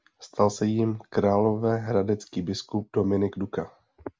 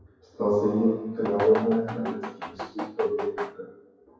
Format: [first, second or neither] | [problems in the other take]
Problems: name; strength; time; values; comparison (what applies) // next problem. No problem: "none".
first | noise reduction (classical method WPE with log-MMSE)